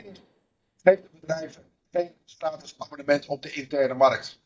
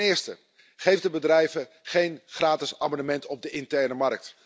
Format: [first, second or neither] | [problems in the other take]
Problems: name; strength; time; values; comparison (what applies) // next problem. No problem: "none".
second | noise reduction (neural mask model DeepFilterNet 3)